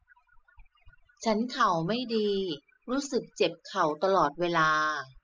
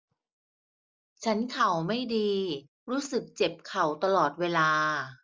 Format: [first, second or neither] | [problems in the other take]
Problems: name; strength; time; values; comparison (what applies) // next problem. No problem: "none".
second | noise reduction (classical method spectral subtraction)